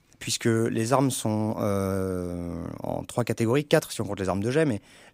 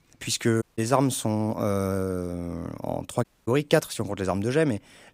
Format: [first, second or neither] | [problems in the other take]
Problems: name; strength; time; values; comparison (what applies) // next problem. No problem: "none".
first | audio cutting out; at 0.5 s and at 3 s